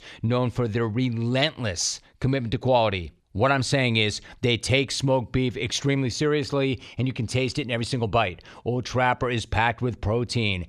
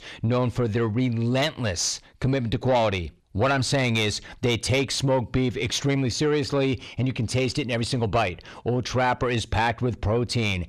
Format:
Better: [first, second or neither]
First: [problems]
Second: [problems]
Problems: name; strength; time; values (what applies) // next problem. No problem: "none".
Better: first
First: none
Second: distortion; slight; 10 dB below the speech